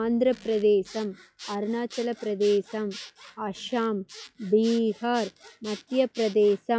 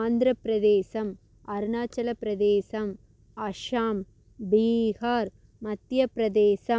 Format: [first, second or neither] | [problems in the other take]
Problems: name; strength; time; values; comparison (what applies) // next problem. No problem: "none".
second | noise reduction (classical method log-MMSE)